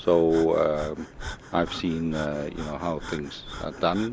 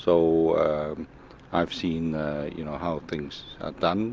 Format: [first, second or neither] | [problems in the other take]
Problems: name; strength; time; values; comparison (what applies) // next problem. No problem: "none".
second | background sound (Breathing); 14 dB below the speech